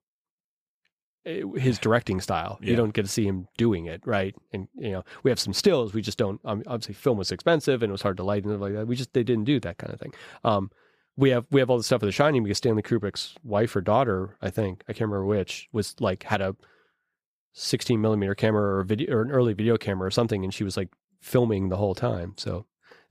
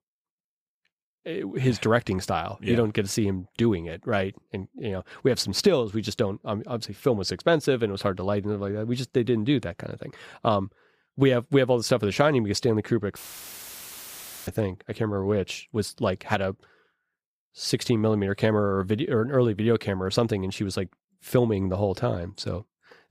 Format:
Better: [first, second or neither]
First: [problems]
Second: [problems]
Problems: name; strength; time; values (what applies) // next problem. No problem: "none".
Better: first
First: none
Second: audio cutting out; filled with static; at 13 s for 1.5 s